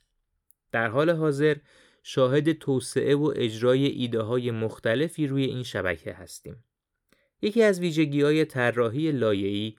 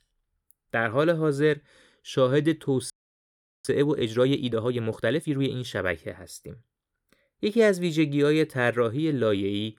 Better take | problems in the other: first | audio freezing; at 3 s for 1 s

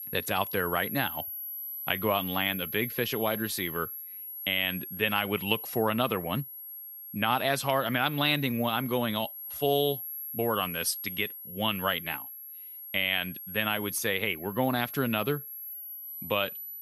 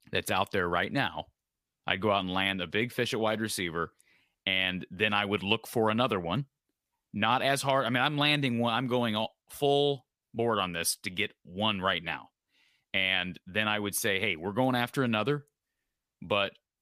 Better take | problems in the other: second | high-pitched whine; loud; throughout; 11.5 kHz, 8 dB below the speech

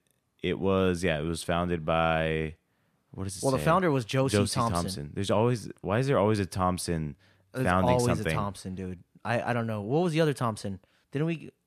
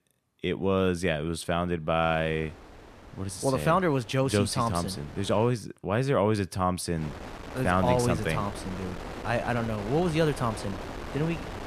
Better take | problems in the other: first | wind noise on the microphone; occasional gusts; from 2 to 5.5 s and from 7 s on; 15 dB below the speech

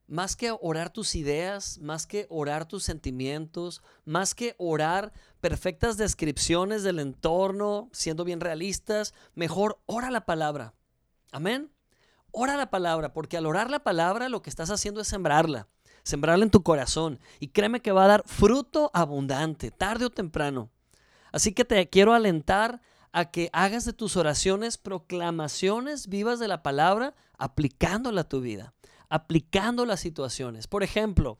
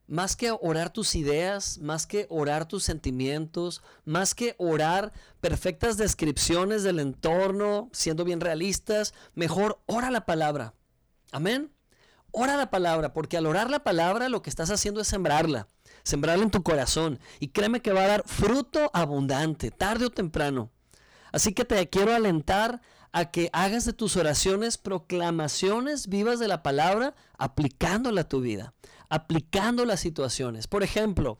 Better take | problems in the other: first | distortion; heavy; 6 dB below the speech

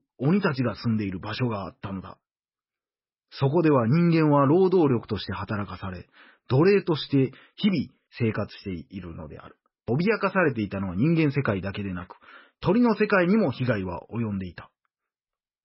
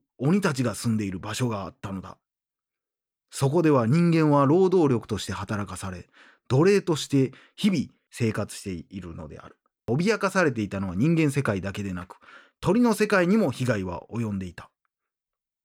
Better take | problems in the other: second | garbled, watery; badly; nothing above 5.5 kHz

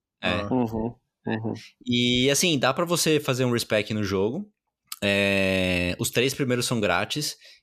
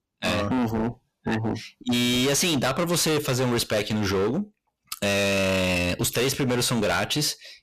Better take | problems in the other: first | distortion; heavy; 24% of the sound clipped

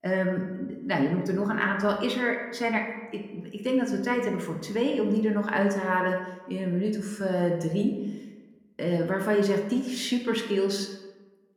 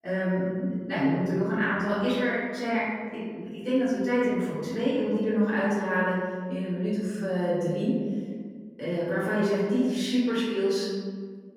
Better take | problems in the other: first | room echo; strong; dies away in 1.7 s; slight in the first // off-mic speech; far

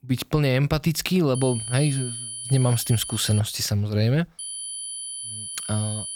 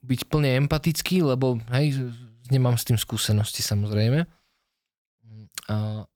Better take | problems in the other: second | high-pitched whine; loud; from 1.5 to 3.5 s and from 4.5 s on; 10 kHz, 8 dB below the speech

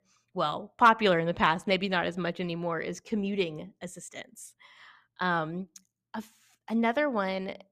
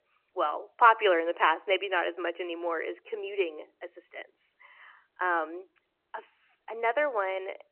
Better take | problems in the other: first | phone-call audio; nothing above 3 kHz

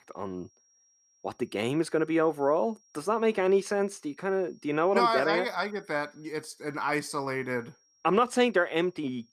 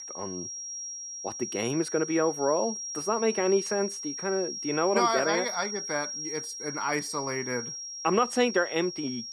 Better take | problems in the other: first | high-pitched whine; loud; throughout; 5.5 kHz, 6 dB below the speech; faint in the first

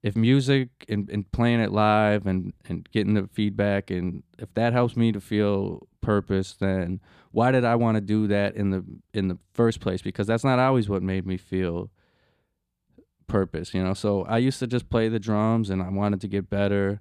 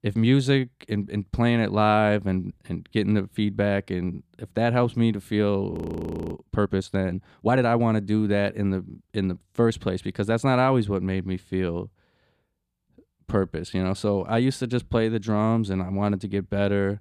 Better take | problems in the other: first | audio freezing; at 5.5 s for 0.5 s

